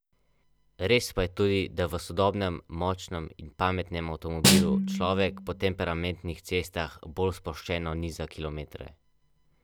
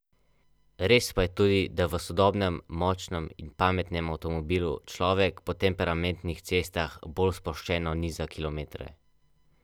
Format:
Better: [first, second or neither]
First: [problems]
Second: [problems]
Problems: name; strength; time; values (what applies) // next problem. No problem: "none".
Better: second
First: background sound (Snare drum); 4 dB above the speech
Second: none